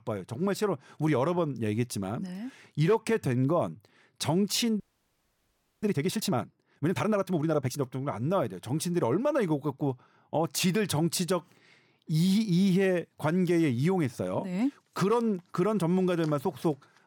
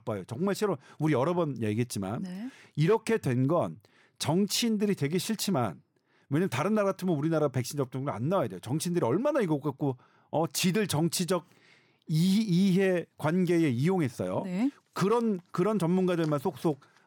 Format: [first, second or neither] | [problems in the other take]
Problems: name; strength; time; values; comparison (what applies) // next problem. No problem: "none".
second | audio freezing; at 5 s for 1 s